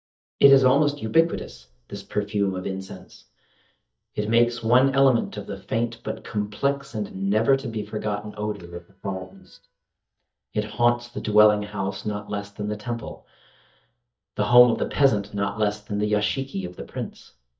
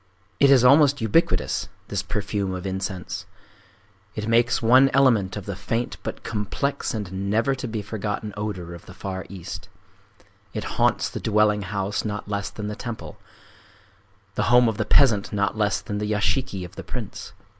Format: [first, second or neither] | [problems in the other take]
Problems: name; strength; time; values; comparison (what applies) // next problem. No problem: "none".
second | noise reduction (neural mask model DeepFilterNet 3)